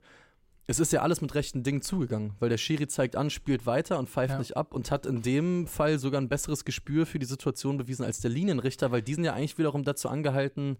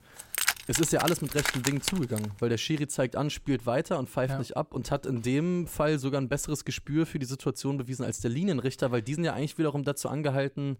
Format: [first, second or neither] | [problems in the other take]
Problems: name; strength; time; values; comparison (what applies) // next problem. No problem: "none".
first | jangling keys; loud; until 2.5 s; peak 2 dB above the speech